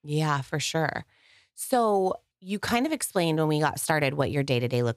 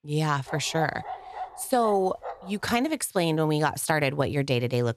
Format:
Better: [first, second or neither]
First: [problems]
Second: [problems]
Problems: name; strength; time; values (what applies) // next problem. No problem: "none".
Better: first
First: none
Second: dog barking; noticeable; until 2.5 s; peak 10 dB below the speech